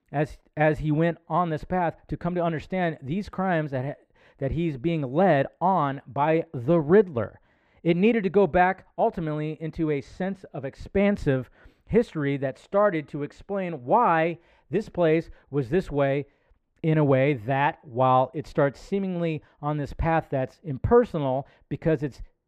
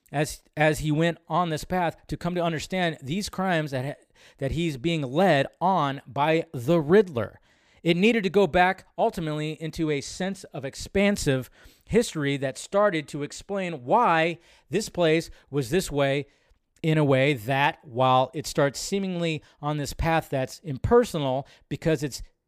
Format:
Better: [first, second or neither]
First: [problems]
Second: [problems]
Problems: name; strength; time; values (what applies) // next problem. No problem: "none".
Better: second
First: muffled; very; fading above 3.5 kHz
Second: none